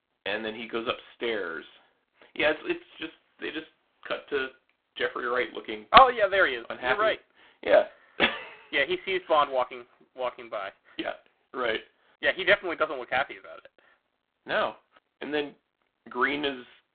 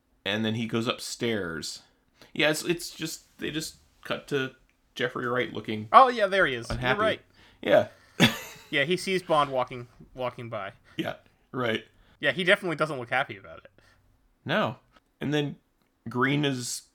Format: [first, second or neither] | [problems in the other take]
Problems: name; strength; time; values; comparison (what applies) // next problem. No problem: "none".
second | phone-call audio; poor line; nothing above 4 kHz